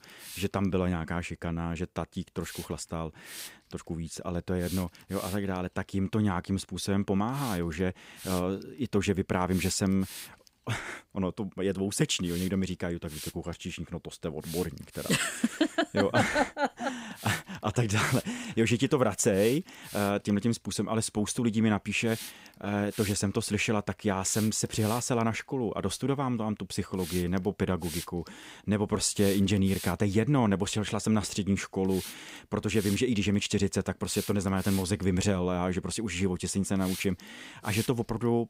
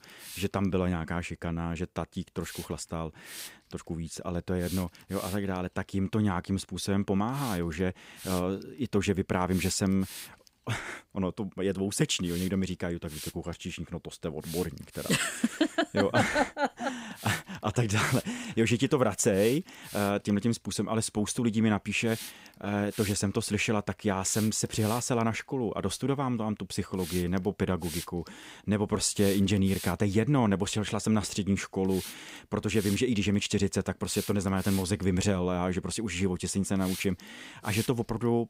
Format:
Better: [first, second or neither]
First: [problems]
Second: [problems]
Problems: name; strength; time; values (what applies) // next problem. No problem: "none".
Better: neither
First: hiss; noticeable; throughout; 10 dB below the speech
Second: hiss; noticeable; throughout; 10 dB below the speech